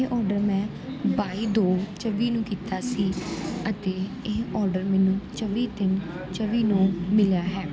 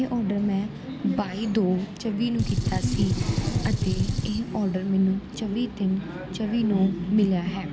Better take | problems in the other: first | background sound (Gunshot, gunfire); 1 dB below the speech

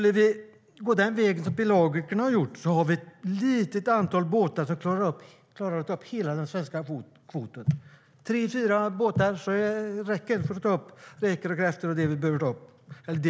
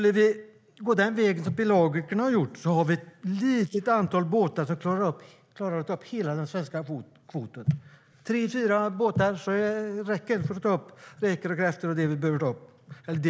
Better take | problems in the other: first | noise reduction (neural mask model Resemble Enhance denoiser)

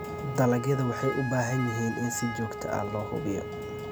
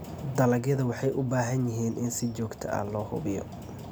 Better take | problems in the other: second | background sound (Wind instrument, woodwind instrument); 8 dB below the speech

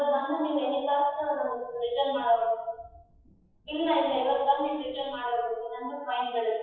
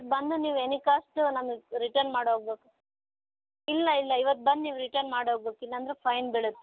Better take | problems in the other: second | noise reduction (classical method WPE with log-MMSE)

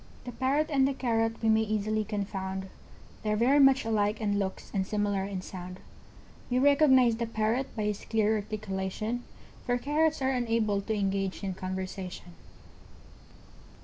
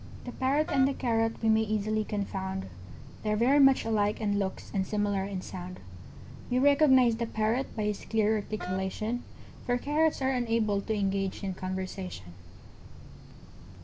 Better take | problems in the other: first | background sound (Wind instrument, woodwind instrument + Drum); 16 dB below the speech

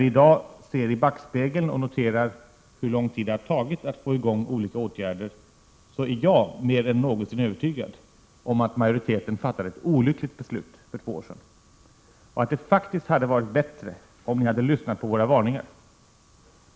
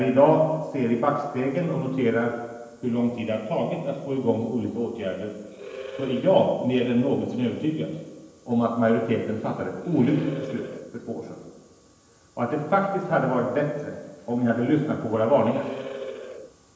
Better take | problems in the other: first | background sound (Animal); 13 dB below the speech // room echo; dies away in 1 s

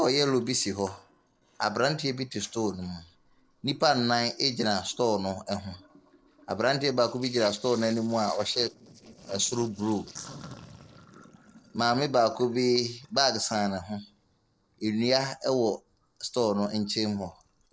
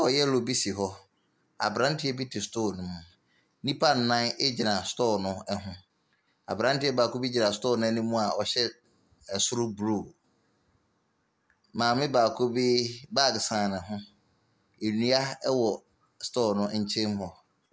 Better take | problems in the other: second | noise reduction (neural separator model SepFormer DNS4)

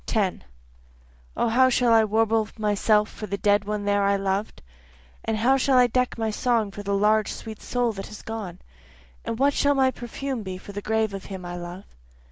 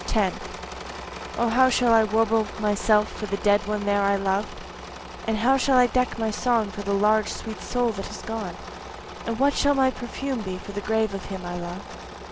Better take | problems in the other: first | background sound (Engine / Mechanisms); 12 dB below the speech

